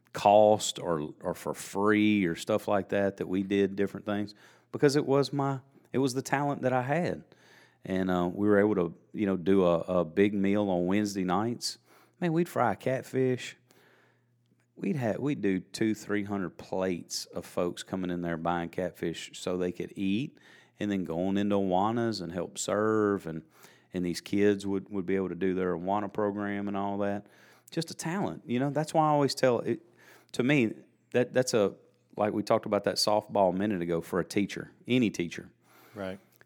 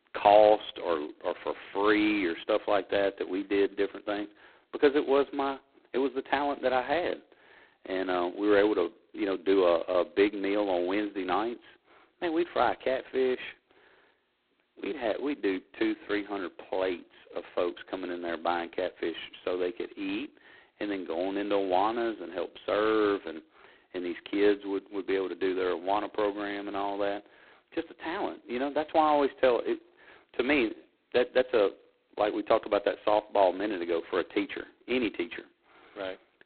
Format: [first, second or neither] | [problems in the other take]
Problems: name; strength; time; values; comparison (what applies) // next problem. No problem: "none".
first | phone-call audio; poor line; nothing above 4 kHz